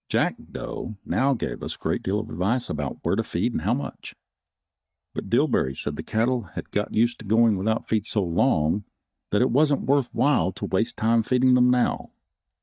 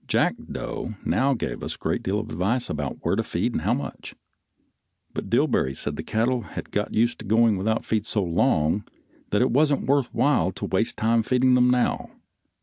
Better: second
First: noise reduction (neural mask model DeepFilterNet 3)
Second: none

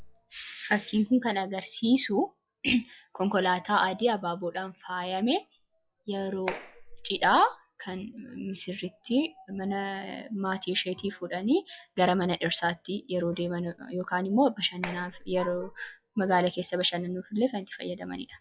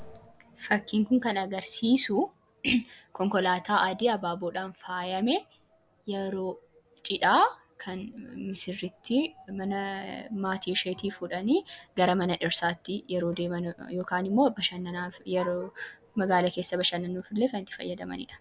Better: second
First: noise reduction (classical method log-MMSE)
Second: none

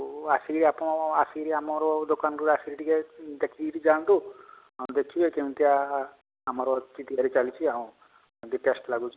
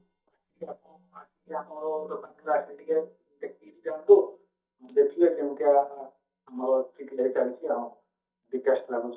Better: first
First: none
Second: noise reduction (neural mask model DeepFilterNet 3)

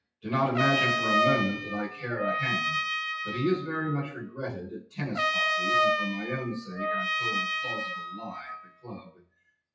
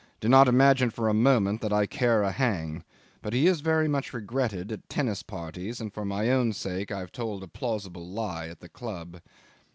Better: second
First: noise reduction (classical method WPE with log-MMSE)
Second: none

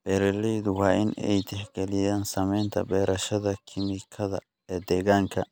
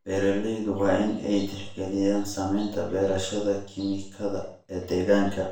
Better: first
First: none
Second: room echo; dies away in 0.5 s

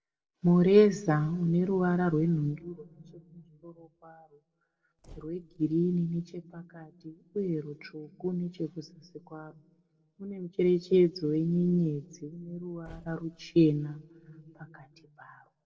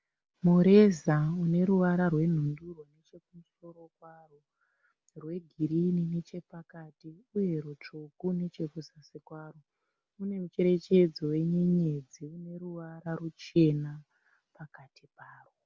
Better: second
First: noise reduction (neural separator model SepFormer DNS4)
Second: none

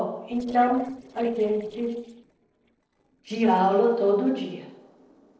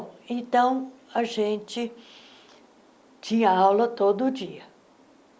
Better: second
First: noise reduction (neural separator model SepFormer DNS4)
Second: none

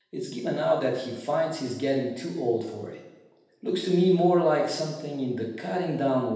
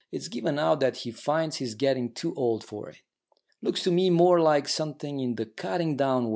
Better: second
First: room echo; dies away in 0.9 s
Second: none

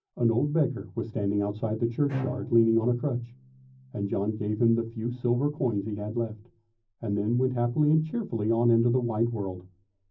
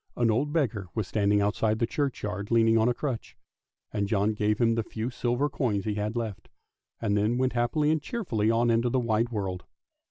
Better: second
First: background sound (Bowed string instrument); 13 dB below the speech // room echo; dies away in 0.4 s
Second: none

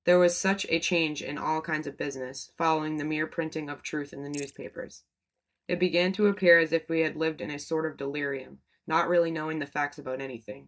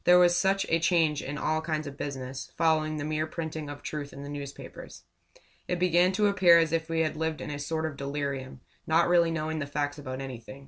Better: second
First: noise reduction (neural mask model DeepFilterNet 3)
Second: none

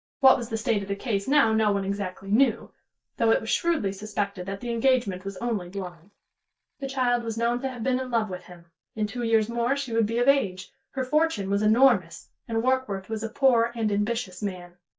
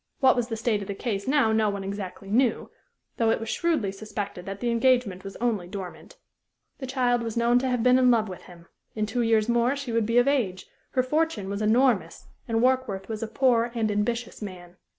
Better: second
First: noise reduction (neural mask model DeepFilterNet 3)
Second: none

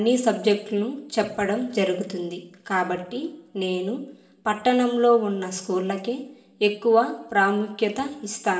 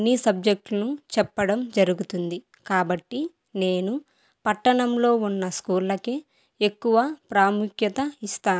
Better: second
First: room echo; dies away in 0.8 s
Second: none

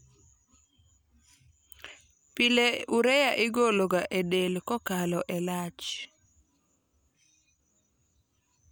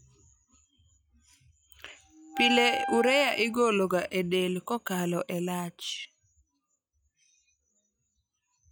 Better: first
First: none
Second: noise reduction (classical method log-MMSE)

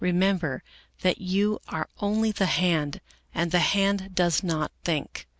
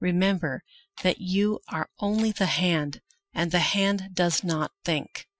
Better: first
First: none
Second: noise reduction (classical method Wiener filter)

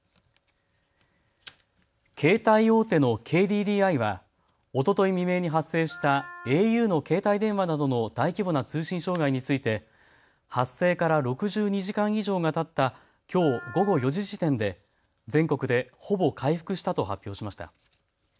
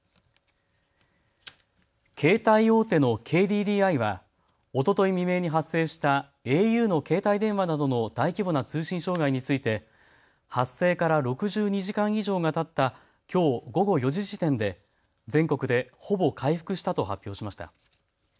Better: second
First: background sound (Wind instrument, woodwind instrument); 19 dB below the speech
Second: none

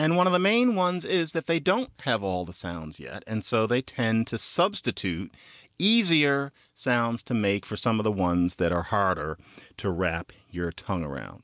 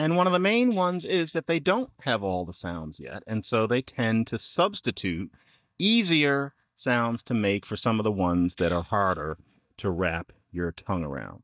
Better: first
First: none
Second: noise reduction (neural mask model DeepFilterNet 3)

